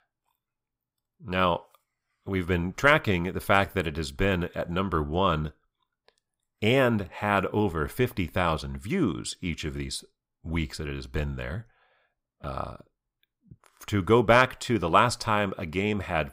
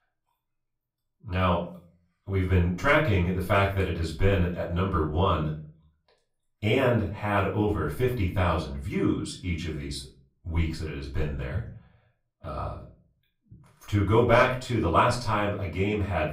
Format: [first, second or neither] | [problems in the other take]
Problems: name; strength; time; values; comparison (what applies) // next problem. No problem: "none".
first | off-mic speech; far // room echo; slight; dies away in 0.4 s